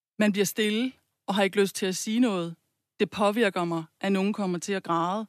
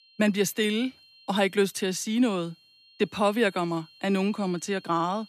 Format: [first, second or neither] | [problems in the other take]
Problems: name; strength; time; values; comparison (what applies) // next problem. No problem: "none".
first | high-pitched whine; faint; throughout; 4.5 kHz, 25 dB below the speech